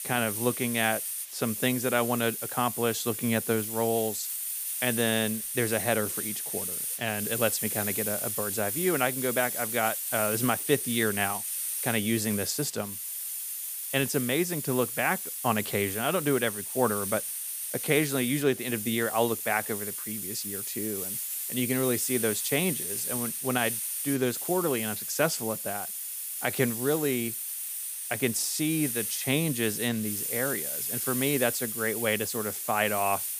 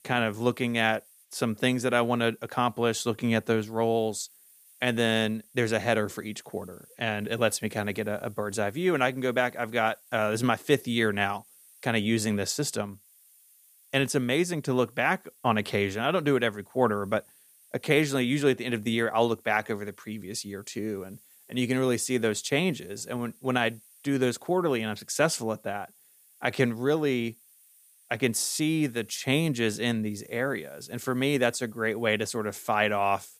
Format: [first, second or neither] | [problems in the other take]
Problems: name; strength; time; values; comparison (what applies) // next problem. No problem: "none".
second | hiss; loud; throughout; 2 dB below the speech; faint in the second